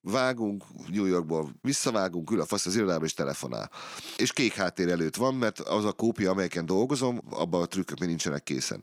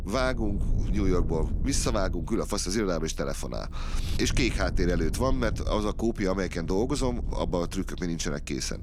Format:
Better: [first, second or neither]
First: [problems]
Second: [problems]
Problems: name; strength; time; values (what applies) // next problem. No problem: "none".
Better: first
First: none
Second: low rumble; noticeable; throughout; 15 dB below the speech